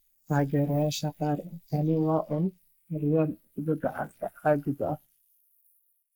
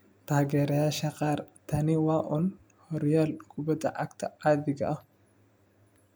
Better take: second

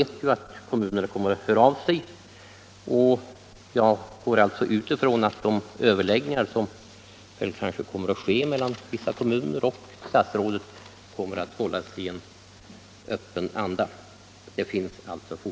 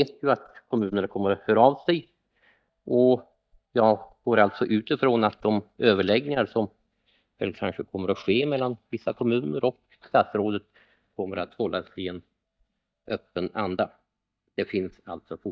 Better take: first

